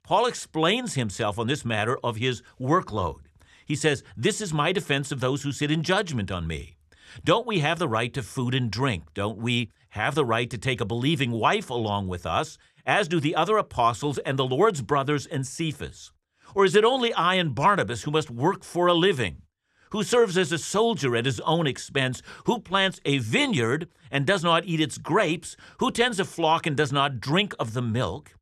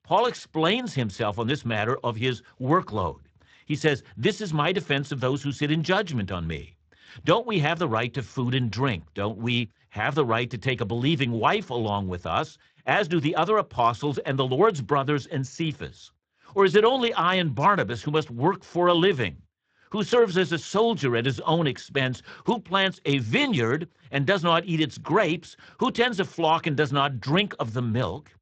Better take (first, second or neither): first